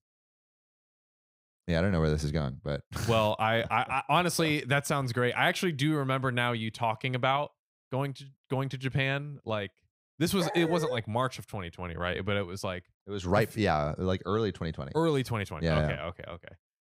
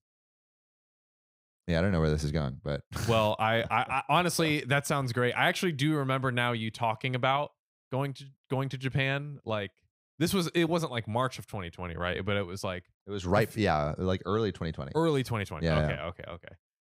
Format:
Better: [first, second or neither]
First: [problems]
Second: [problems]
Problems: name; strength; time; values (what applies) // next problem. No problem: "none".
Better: second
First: dog barking; noticeable; at 10 s; peak 5 dB below the speech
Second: none